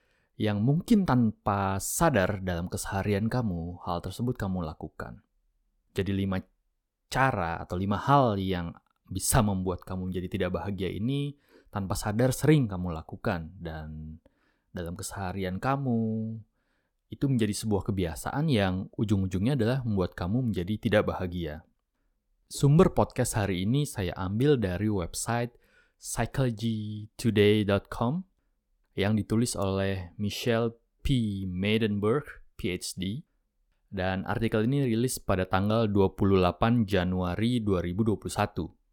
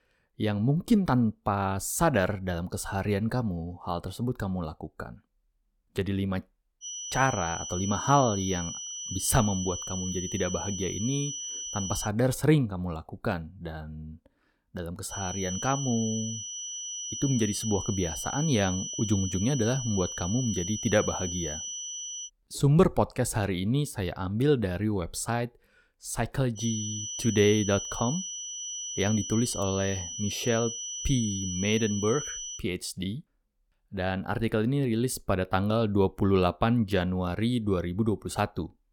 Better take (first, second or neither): first